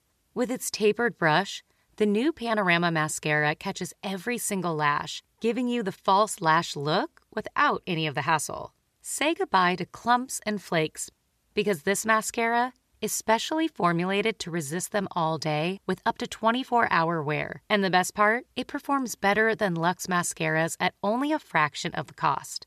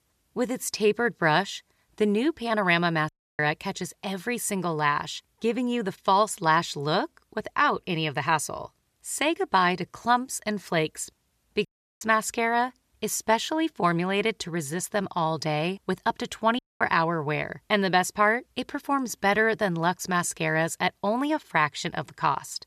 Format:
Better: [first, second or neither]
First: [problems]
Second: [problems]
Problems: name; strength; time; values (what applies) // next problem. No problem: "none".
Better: first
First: none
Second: audio cutting out; at 3 s, at 12 s and at 17 s